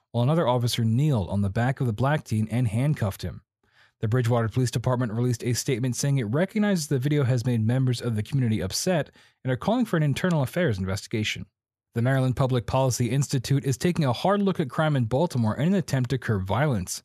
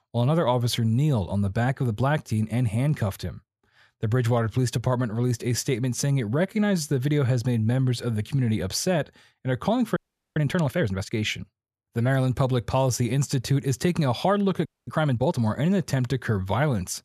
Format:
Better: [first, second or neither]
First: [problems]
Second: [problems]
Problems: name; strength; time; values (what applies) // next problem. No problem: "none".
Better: first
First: none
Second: audio freezing; at 10 s and at 15 s